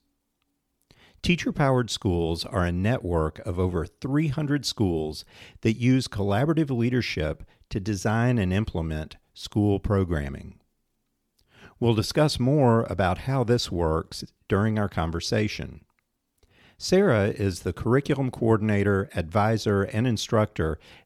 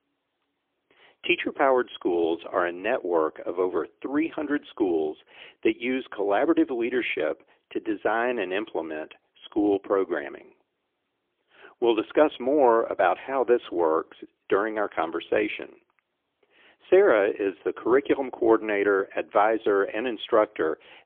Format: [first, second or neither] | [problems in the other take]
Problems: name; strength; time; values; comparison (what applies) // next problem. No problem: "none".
first | phone-call audio; poor line; nothing above 3.5 kHz